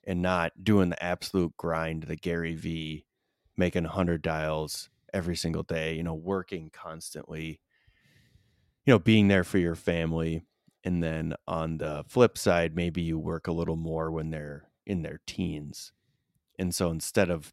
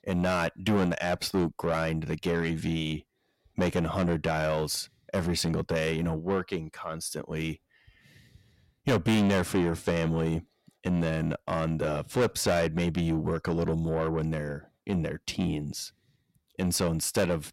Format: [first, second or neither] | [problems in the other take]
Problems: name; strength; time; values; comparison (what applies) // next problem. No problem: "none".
first | distortion; heavy; 6 dB below the speech